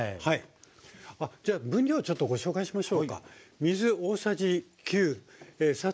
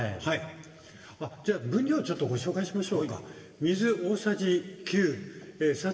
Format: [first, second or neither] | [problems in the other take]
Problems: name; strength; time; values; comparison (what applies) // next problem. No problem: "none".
first | room echo; dies away in 3 s